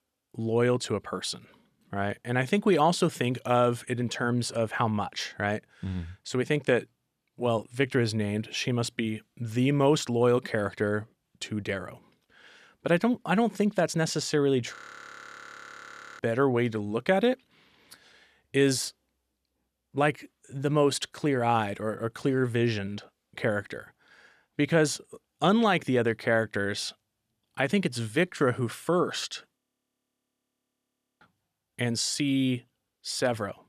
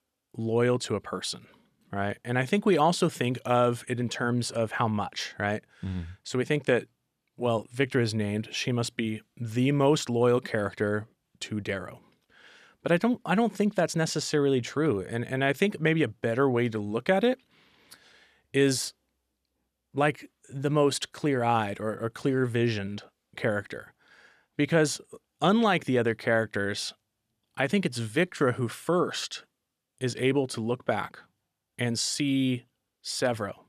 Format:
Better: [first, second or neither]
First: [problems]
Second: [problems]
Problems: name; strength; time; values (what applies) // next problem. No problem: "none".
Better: second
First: audio freezing; at 15 s for 1.5 s and at 30 s for 1.5 s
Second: none